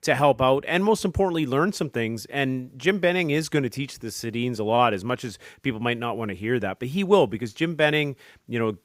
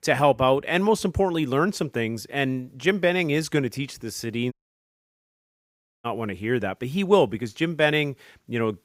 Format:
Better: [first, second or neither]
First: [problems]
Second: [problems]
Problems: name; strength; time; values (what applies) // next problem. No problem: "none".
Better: first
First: none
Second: audio cutting out; at 4.5 s for 1.5 s